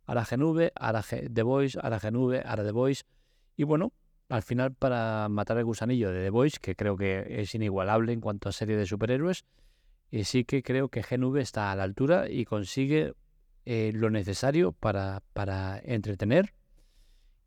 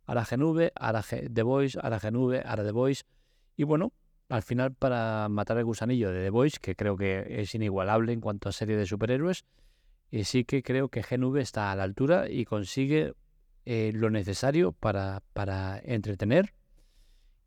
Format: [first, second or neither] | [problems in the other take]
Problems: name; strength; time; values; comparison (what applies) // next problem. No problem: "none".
neither | none